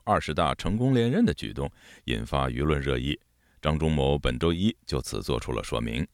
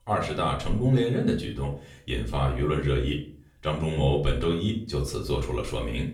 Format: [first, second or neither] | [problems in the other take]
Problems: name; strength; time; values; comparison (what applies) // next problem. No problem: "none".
first | off-mic speech; far // room echo; slight; dies away in 0.4 s